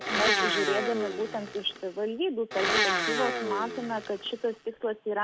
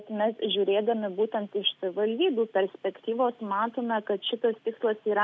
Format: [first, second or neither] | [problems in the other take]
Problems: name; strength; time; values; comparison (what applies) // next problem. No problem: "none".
second | background sound (Domestic sounds, home sounds); 1 dB above the speech